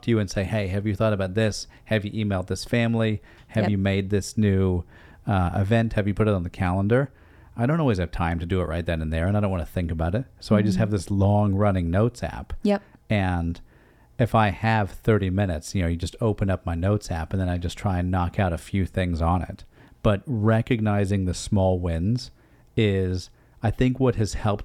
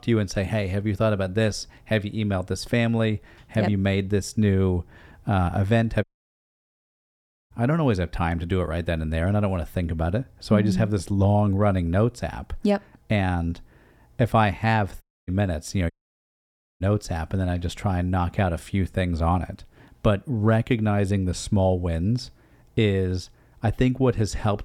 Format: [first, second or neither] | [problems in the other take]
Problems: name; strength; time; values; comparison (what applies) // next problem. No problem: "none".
first | audio cutting out; at 6 s for 1.5 s, at 15 s and at 16 s for 1 s